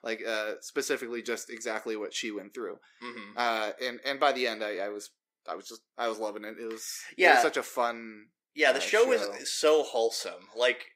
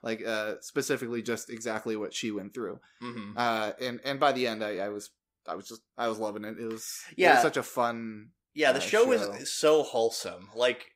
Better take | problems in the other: second | thin; very slightly; fading below 350 Hz

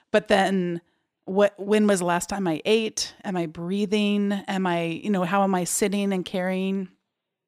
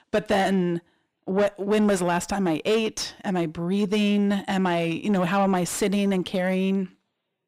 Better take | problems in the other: first | distortion; slight; 10 dB below the speech

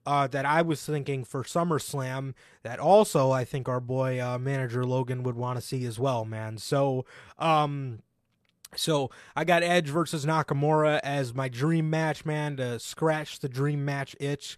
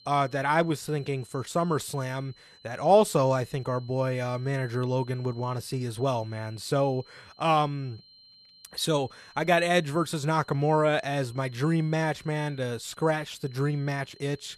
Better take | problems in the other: first | high-pitched whine; faint; throughout; 4 kHz, 25 dB below the speech

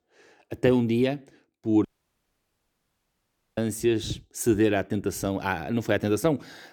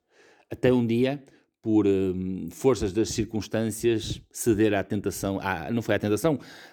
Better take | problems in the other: second | audio cutting out; at 2 s for 1.5 s

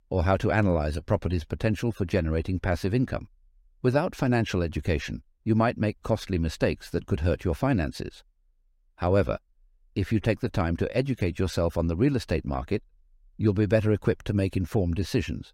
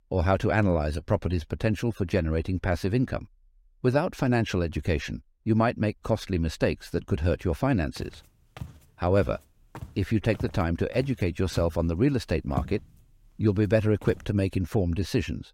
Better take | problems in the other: first | footsteps; noticeable; from 8 to 14 s; peak 8 dB below the speech

